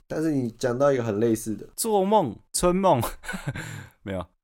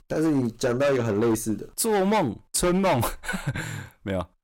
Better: first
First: none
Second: distortion; heavy; 13% of the sound clipped

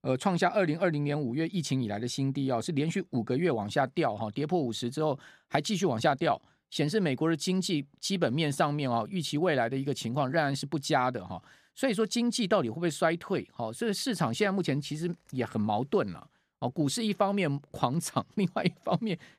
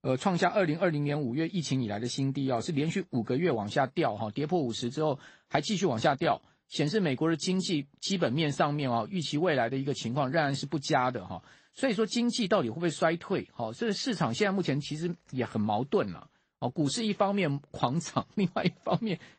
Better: first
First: none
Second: garbled, watery; slightly; nothing above 8 kHz

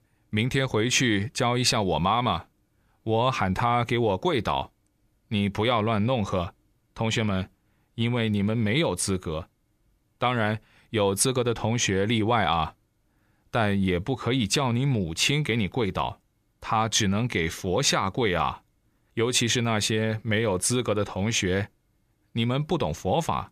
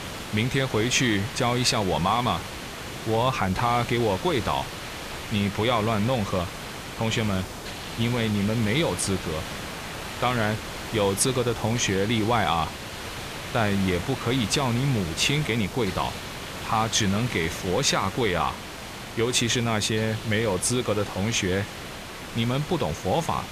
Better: first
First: none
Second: hiss; loud; throughout; 9 dB below the speech

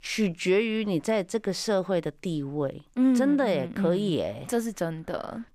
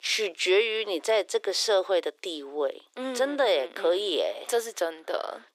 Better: first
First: none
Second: thin; very; fading below 350 Hz

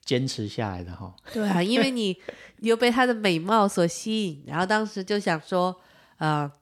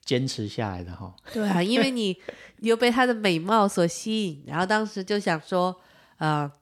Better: neither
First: none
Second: none

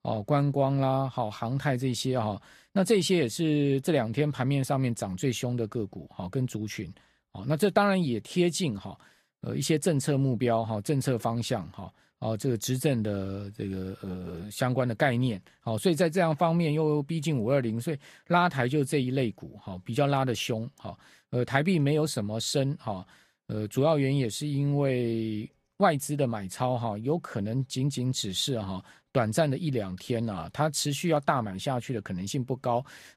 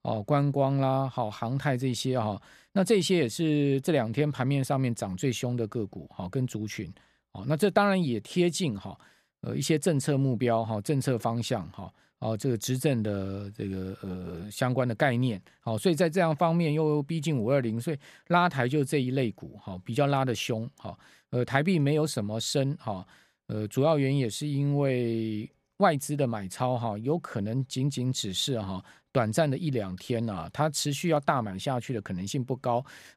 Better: second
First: garbled, watery; slightly; nothing above 14.5 kHz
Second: none

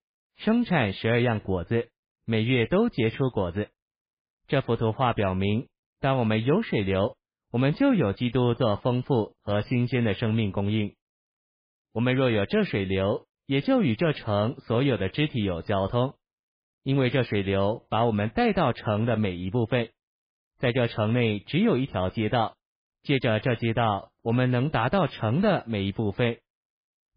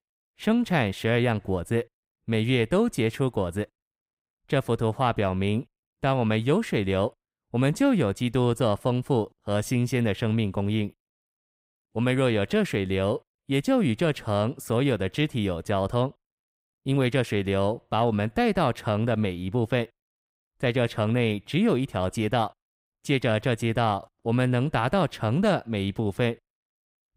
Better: second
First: garbled, watery; badly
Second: none

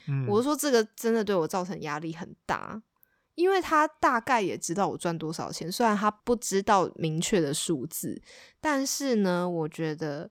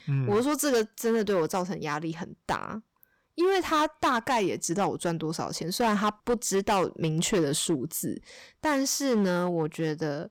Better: first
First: none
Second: distortion; slight; 8% of the sound clipped

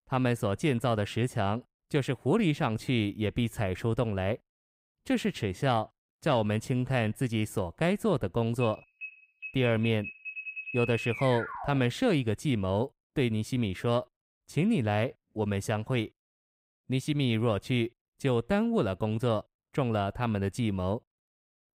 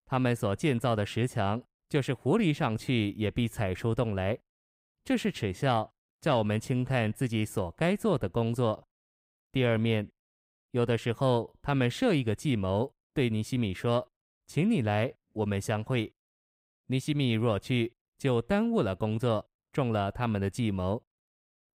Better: second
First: alarm; noticeable; from 8.5 to 12 s; peak 5 dB below the speech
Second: none

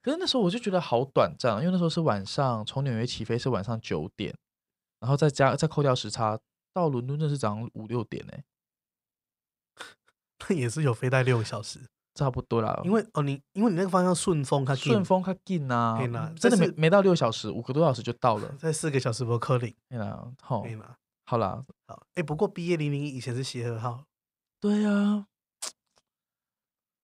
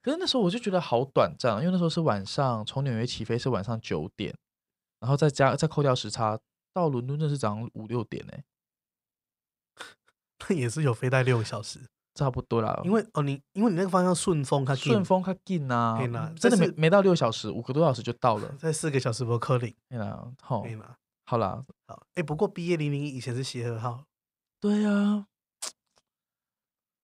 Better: neither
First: none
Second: none

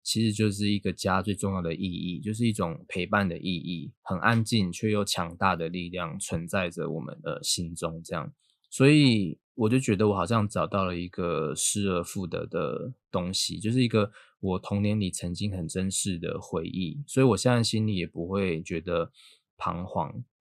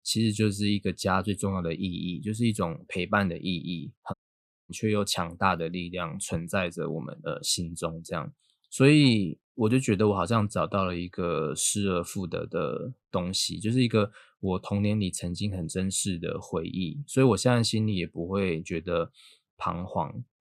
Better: first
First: none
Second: audio cutting out; at 4 s for 0.5 s

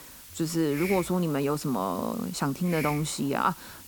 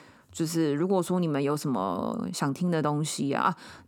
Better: second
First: hiss; noticeable; throughout; 10 dB below the speech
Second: none

